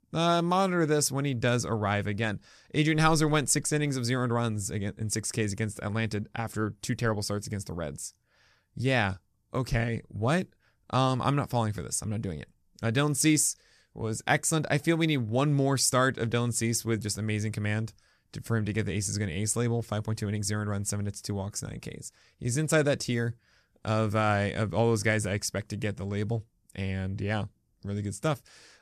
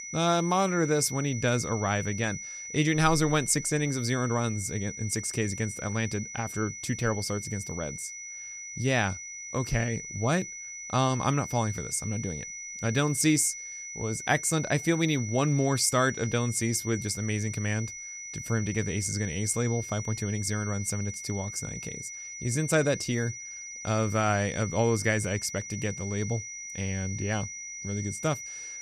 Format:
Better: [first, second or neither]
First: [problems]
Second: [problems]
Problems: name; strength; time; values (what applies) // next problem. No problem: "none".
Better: first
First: none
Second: high-pitched whine; loud; throughout; 6 kHz, 9 dB below the speech